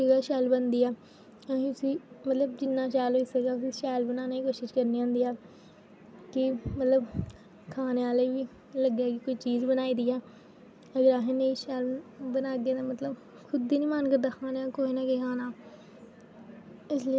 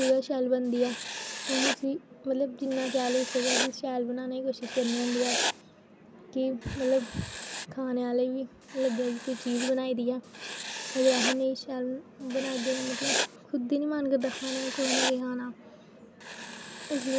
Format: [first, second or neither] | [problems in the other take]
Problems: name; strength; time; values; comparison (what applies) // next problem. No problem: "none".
first | background sound (Writing); 6 dB below the speech